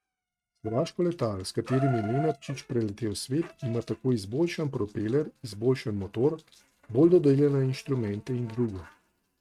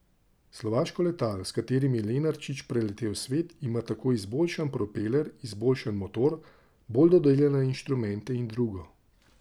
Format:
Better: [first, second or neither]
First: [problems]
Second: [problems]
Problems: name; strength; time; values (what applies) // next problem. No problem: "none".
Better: second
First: noise reduction (neural mask model RNNoise)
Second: none